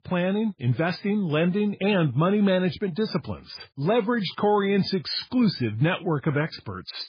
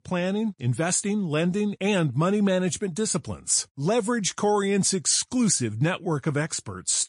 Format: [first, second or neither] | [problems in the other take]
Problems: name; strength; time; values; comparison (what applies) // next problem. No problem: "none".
second | garbled, watery; badly; slightly in the second